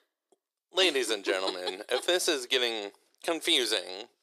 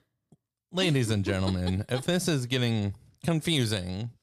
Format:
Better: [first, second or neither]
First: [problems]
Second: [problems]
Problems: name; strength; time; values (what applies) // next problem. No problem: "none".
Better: second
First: thin; very; fading below 350 Hz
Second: none